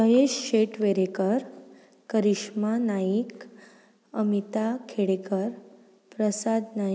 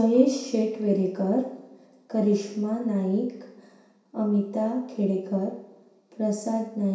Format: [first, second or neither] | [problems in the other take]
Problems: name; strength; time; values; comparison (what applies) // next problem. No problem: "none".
first | room echo; dies away in 0.6 s